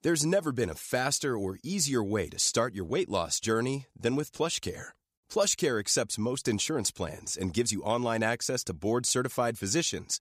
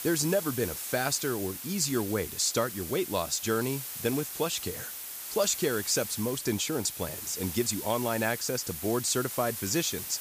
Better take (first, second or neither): first